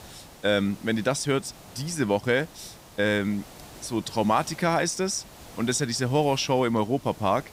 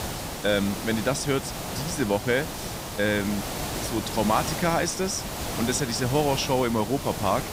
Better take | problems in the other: first | hiss; loud; throughout; 6 dB below the speech; faint in the first

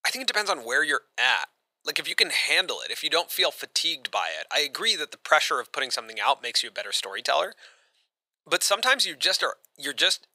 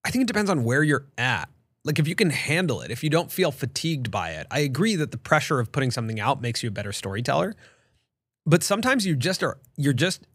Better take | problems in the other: second | thin; very; fading below 600 Hz

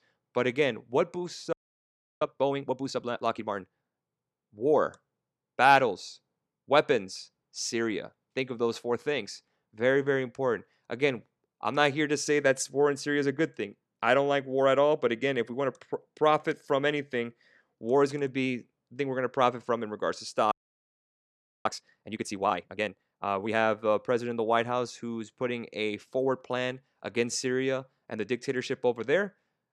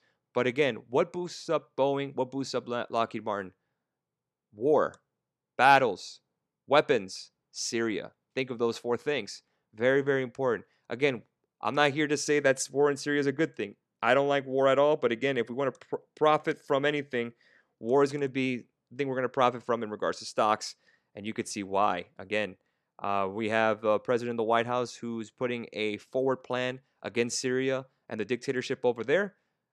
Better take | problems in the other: second | audio freezing; at 1.5 s for 0.5 s and at 21 s for 1 s

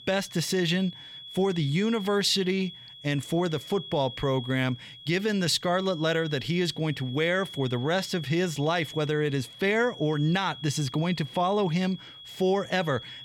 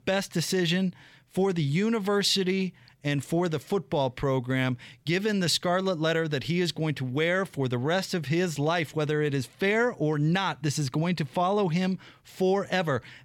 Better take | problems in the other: second | high-pitched whine; noticeable; throughout; 3.5 kHz, 15 dB below the speech

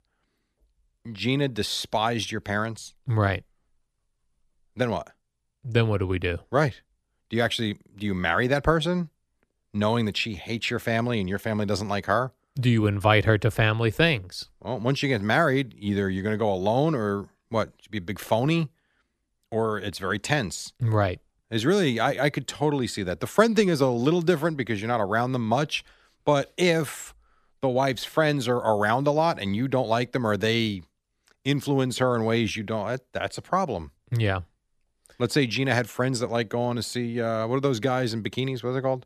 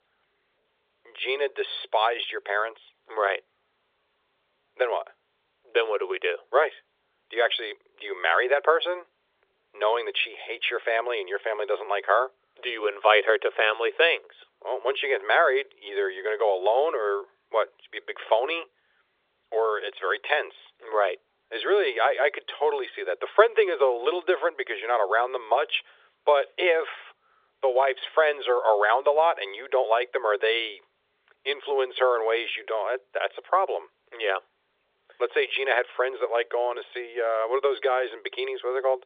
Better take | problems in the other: first | phone-call audio

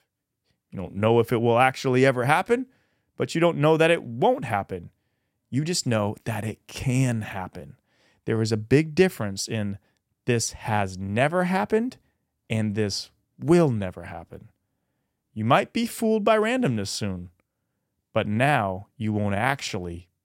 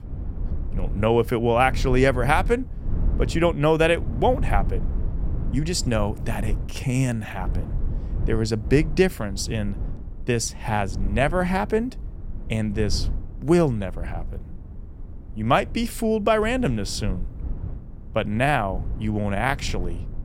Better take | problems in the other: first | low rumble; faint; throughout; 20 dB below the speech

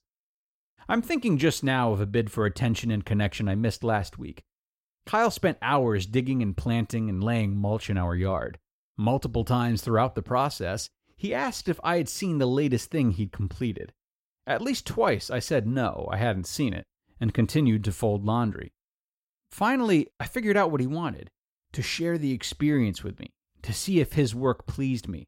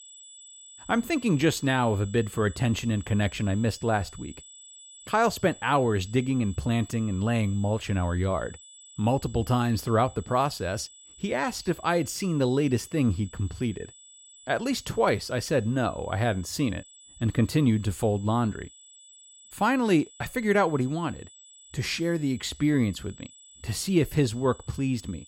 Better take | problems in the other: first | high-pitched whine; faint; throughout; 8 kHz, 20 dB below the speech

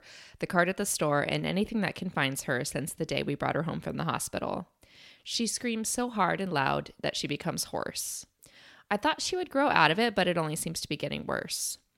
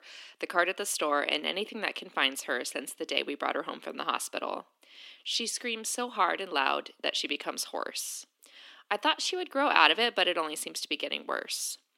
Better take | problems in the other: first | thin; somewhat; fading below 250 Hz

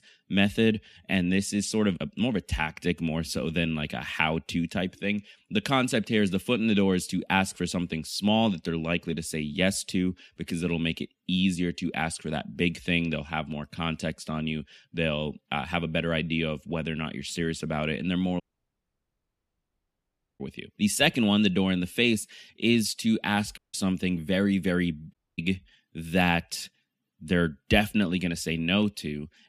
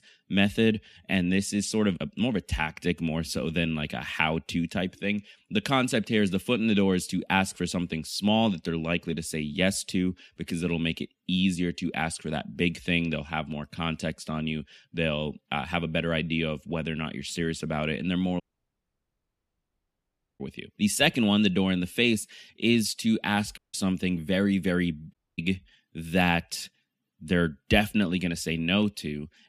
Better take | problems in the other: neither | audio cutting out; at 18 s for 2 s, at 24 s and at 25 s; the same in both

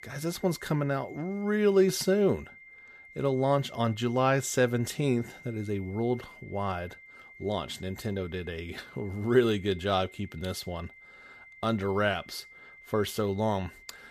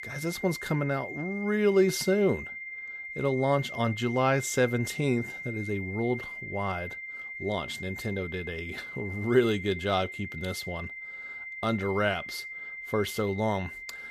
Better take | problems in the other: first | high-pitched whine; loud; throughout; 2 kHz, 8 dB below the speech; faint in the first

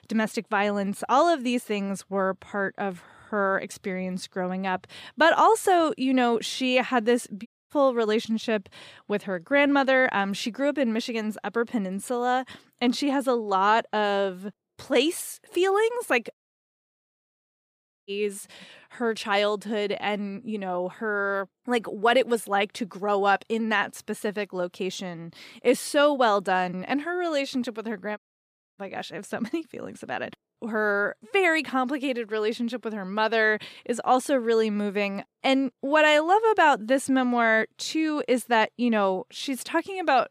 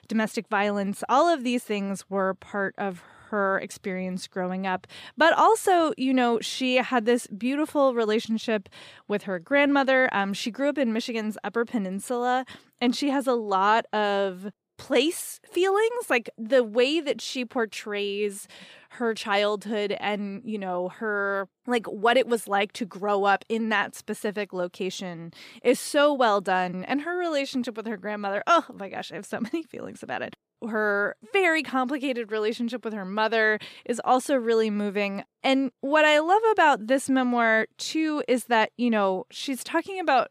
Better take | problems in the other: second | audio cutting out; at 7.5 s, at 16 s for 1.5 s and at 28 s for 0.5 s

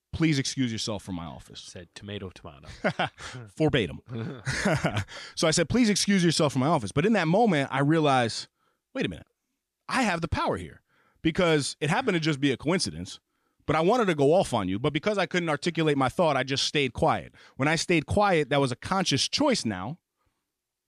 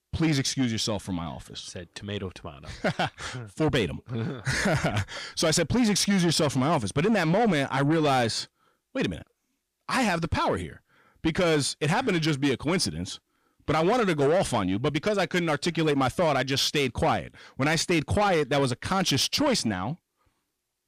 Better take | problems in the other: first | distortion; slight; 10 dB below the speech

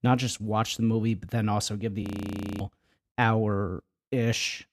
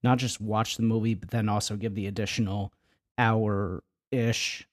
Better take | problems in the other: second | audio freezing; at 2 s for 0.5 s

